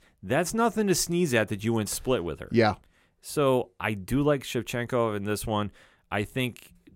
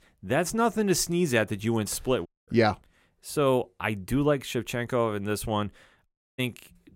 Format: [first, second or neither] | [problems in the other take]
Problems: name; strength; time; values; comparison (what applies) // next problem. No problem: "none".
first | audio cutting out; at 2.5 s and at 6 s